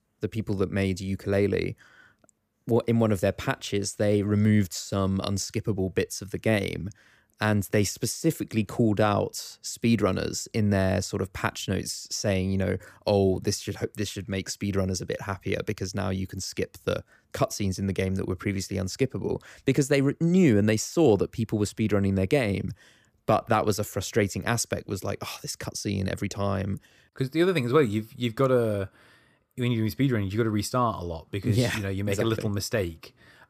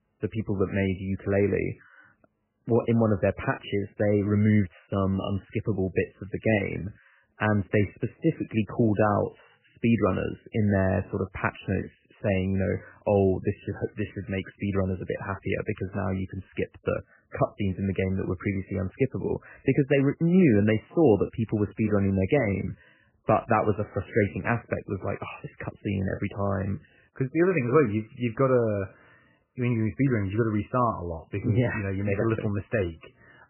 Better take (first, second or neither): first